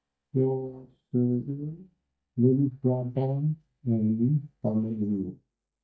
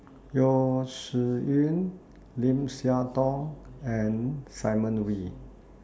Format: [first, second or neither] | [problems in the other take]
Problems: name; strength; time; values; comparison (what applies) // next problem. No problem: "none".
second | noise reduction (neural mask model DeepFilterNet 3)